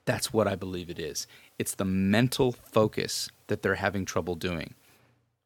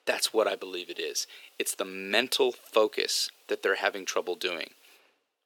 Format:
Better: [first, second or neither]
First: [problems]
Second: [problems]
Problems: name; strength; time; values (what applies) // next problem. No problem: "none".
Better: first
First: none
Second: thin; very; fading below 350 Hz